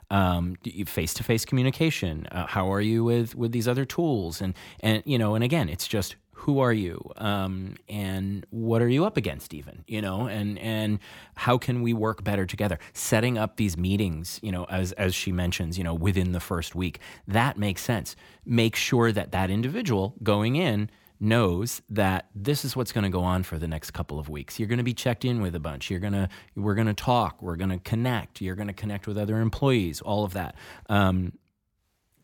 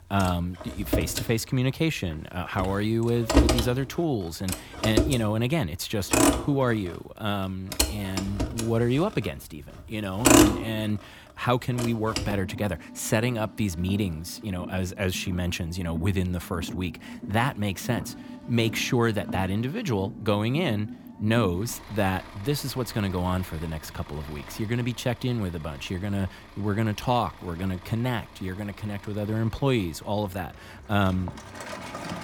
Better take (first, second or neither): first